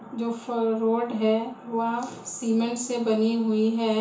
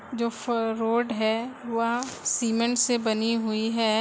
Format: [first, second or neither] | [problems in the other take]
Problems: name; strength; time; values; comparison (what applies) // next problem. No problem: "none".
second | room echo; dies away in 0.7 s